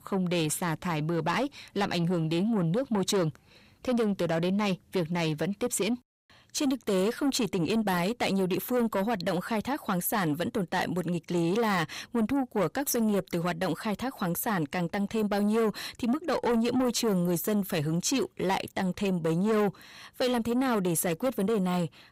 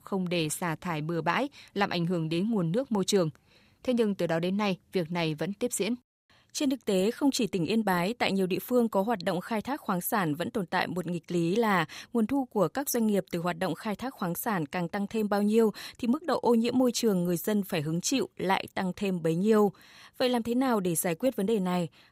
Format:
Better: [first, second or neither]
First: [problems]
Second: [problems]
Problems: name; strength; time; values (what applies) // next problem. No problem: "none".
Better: second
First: distortion; slight; 10 dB below the speech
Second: none